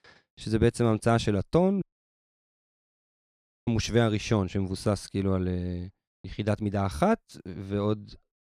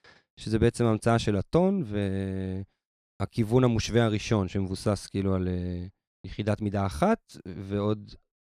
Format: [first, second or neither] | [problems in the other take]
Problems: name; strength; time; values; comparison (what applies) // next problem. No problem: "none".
second | audio cutting out; at 2 s for 2 s